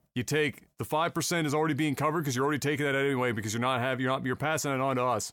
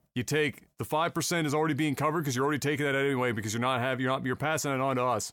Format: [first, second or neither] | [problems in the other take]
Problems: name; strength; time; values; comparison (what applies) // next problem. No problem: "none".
neither | none